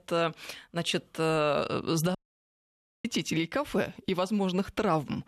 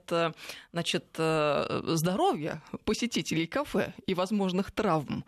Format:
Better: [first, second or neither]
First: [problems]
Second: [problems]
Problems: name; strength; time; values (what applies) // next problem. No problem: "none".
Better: second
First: audio cutting out; at 2 s for 1 s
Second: none